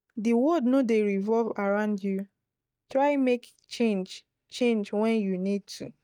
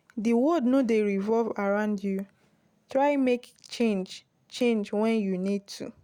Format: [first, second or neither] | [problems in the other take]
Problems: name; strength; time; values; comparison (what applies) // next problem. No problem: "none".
second | noise reduction (neural mask model DeepFilterNet 3)